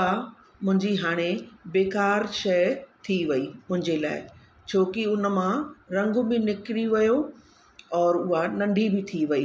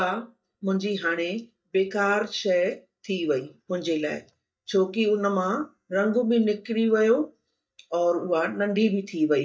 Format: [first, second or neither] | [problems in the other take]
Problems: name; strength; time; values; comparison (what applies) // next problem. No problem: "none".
first | noise reduction (neural mask model DeepFilterNet 3)